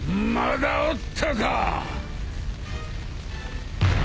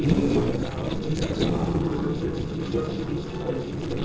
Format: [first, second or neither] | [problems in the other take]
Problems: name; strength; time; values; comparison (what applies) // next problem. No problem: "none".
first | noise reduction (neural separator model SepFormer DNS4)